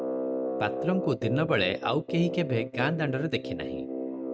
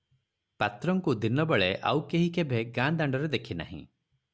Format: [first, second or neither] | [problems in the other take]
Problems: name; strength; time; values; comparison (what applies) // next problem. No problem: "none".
second | noise reduction (neural mask model RNNoise)